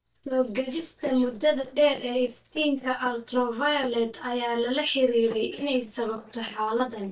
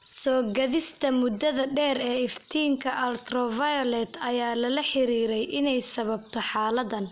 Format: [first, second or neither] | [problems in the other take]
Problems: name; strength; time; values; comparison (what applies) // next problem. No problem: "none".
second | noise reduction (neural mask model DeepFilterNet 3)